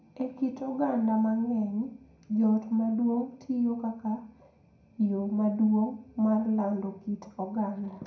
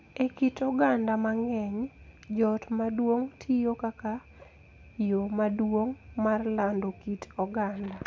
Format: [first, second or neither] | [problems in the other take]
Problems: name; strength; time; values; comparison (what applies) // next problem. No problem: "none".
second | room echo; dies away in 0.5 s